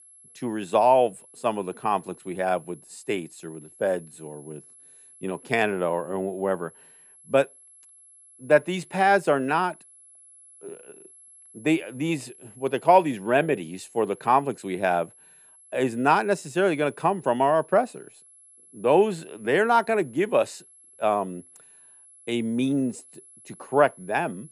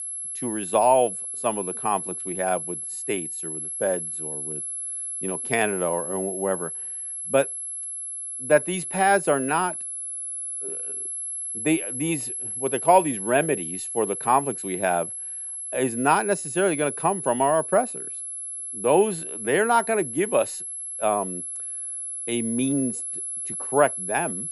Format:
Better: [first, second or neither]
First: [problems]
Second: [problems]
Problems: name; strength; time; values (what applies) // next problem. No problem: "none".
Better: first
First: high-pitched whine; faint; throughout; 11 kHz, 25 dB below the speech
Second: high-pitched whine; loud; throughout; 11 kHz, 5 dB below the speech